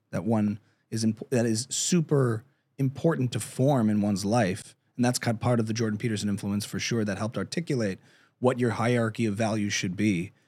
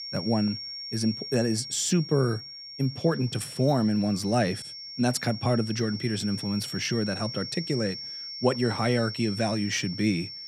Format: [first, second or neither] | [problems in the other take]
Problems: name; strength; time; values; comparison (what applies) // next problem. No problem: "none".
first | high-pitched whine; loud; throughout; 5.5 kHz, 9 dB below the speech